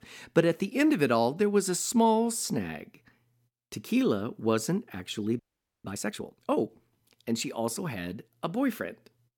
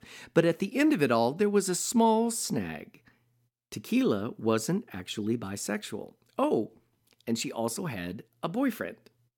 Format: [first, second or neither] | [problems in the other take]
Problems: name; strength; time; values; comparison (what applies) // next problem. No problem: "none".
second | audio freezing; at 5.5 s